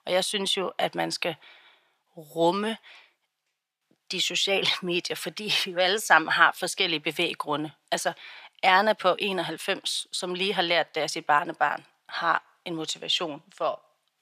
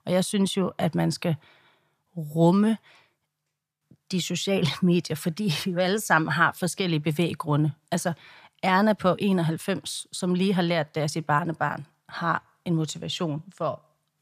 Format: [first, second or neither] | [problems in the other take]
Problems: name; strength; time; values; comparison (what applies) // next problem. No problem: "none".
second | thin; very; fading below 400 Hz